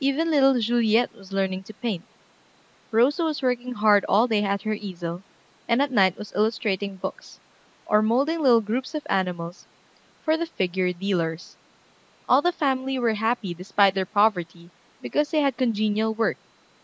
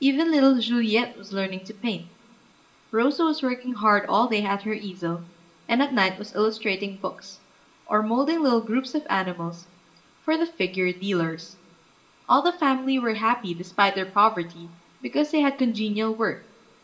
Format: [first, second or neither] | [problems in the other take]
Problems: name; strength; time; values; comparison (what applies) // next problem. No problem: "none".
first | room echo; dies away in 0.4 s